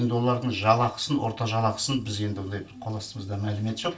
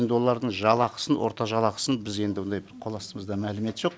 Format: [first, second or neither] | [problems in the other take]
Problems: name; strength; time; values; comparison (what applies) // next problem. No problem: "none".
second | room echo; dies away in 0.2 s